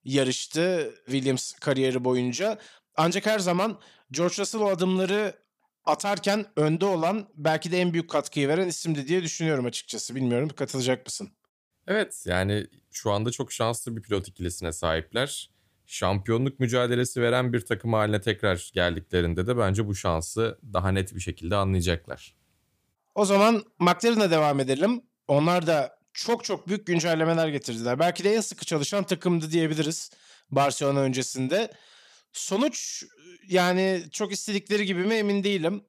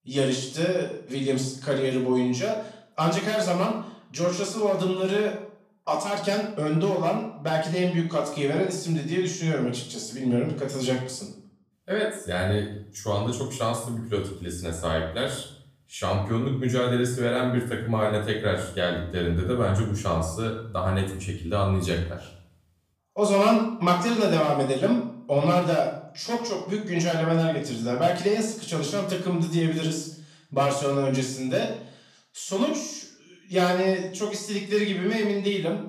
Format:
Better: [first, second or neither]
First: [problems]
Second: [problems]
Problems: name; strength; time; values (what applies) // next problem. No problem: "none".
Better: first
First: none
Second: off-mic speech; far // room echo; noticeable; dies away in 0.5 s